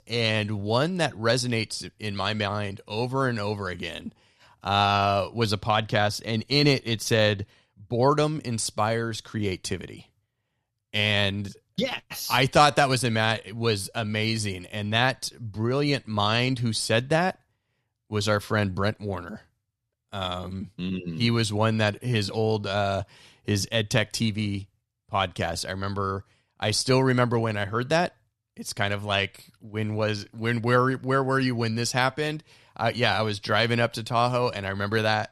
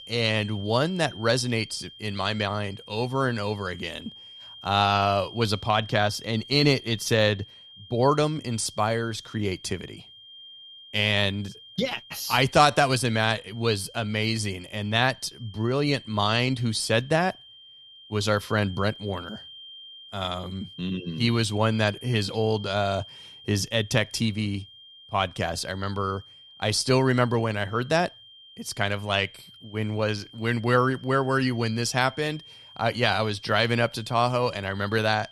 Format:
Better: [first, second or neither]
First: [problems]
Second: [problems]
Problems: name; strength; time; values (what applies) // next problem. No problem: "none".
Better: first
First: none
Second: high-pitched whine; noticeable; throughout; 3 kHz, 20 dB below the speech